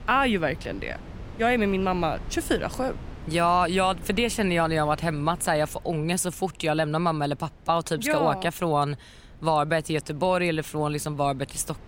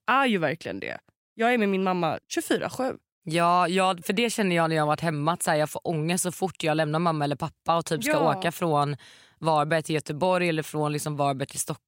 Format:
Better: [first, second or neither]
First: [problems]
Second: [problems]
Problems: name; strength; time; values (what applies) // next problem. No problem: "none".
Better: second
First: wind noise on the microphone; occasional gusts; 25 dB below the speech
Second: none